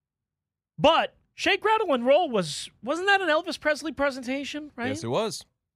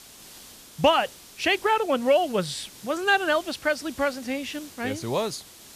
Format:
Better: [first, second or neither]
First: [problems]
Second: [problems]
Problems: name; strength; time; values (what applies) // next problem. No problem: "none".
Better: first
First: none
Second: hiss; noticeable; throughout; 20 dB below the speech